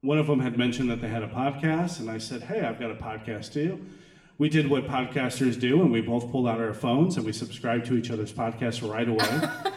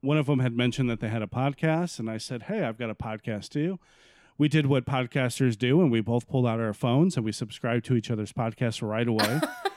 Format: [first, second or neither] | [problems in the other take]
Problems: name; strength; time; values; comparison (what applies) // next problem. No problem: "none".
second | room echo; slight; dies away in 0.7 s // off-mic speech; somewhat distant